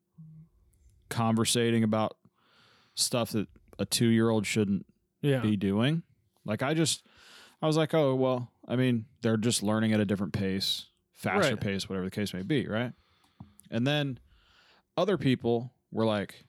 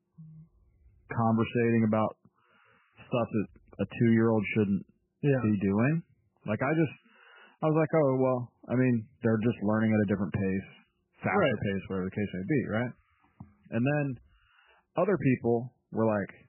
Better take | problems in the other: first | garbled, watery; badly; nothing above 3 kHz

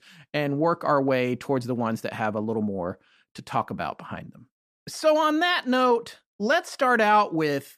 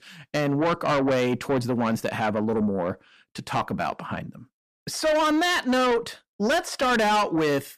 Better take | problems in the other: first | distortion; heavy; 7 dB below the speech

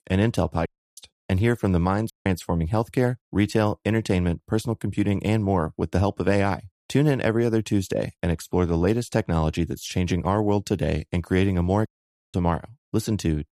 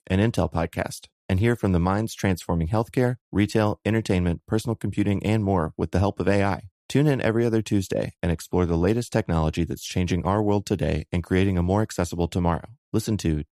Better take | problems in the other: second | audio cutting out; at 0.5 s, at 2 s and at 12 s

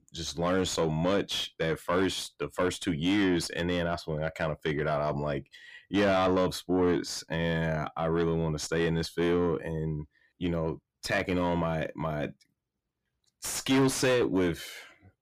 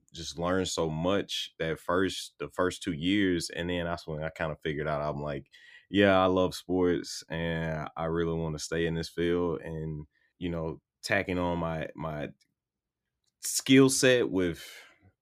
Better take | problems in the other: second | distortion; heavy; 7 dB below the speech

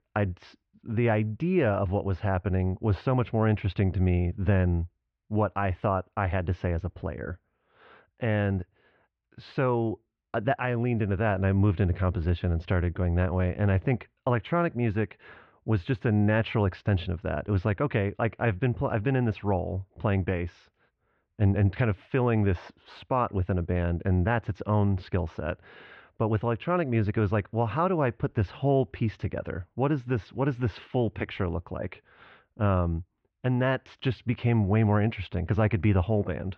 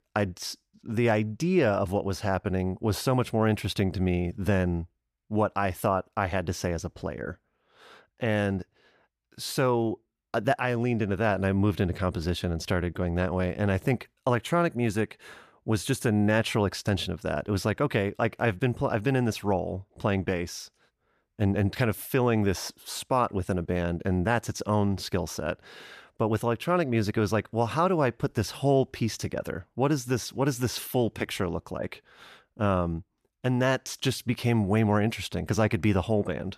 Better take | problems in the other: second | muffled; very; fading above 3 kHz

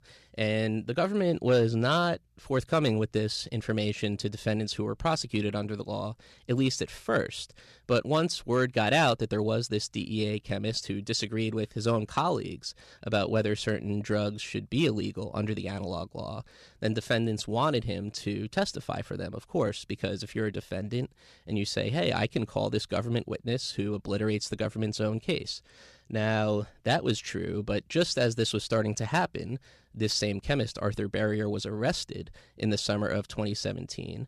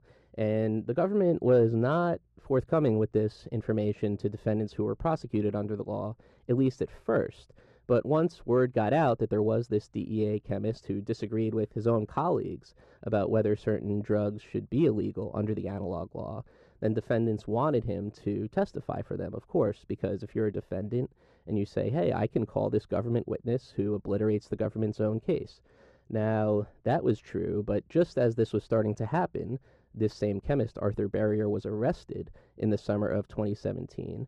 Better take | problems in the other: first | muffled; very; fading above 2 kHz

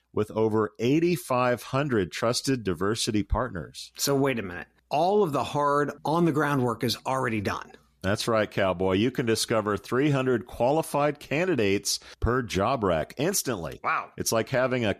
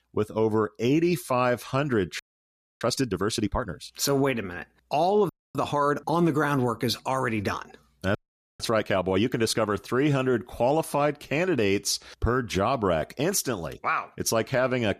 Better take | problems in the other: first | audio freezing; at 2 s for 0.5 s, at 5.5 s and at 8 s

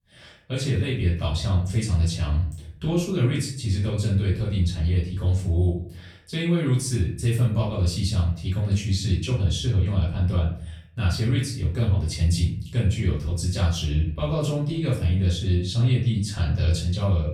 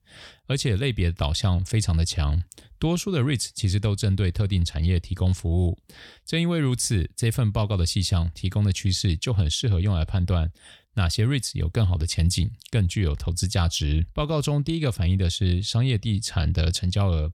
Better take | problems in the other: second | off-mic speech; far // room echo; noticeable; dies away in 0.5 s

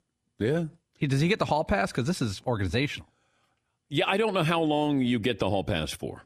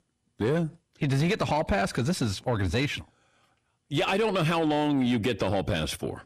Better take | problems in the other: first | distortion; slight; 10 dB below the speech

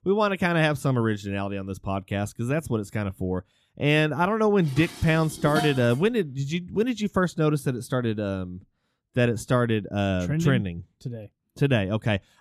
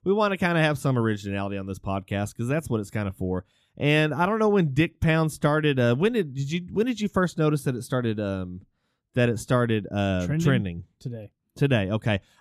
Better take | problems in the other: second | clattering dishes; noticeable; from 4.5 to 6 s; peak 5 dB below the speech

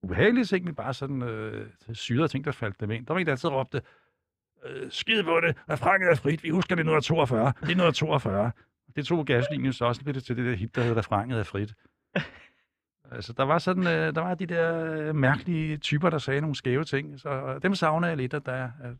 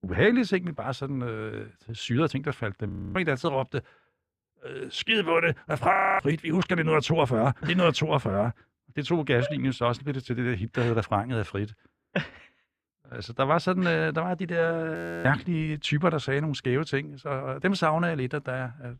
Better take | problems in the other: first | audio freezing; at 3 s, at 6 s and at 15 s

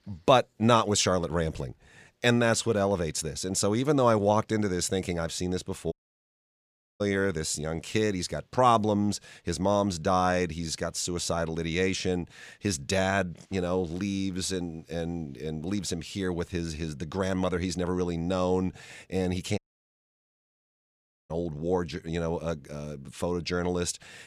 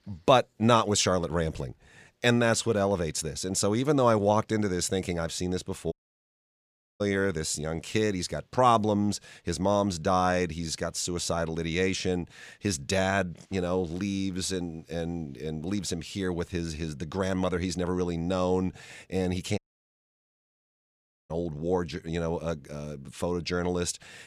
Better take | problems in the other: neither | audio cutting out; at 6 s for 1 s and at 20 s for 1.5 s; the same in both

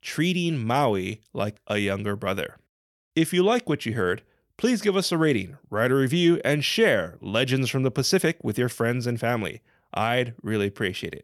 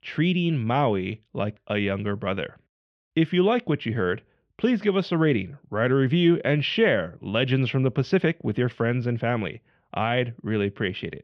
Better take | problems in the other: first | muffled; very; fading above 3 kHz

